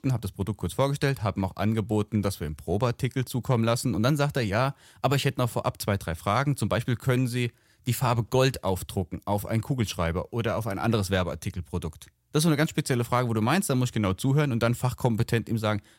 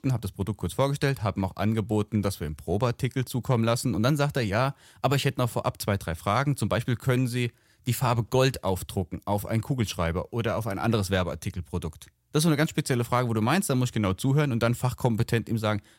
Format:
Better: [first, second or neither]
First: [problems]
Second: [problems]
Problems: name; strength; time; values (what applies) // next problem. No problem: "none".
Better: neither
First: none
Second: none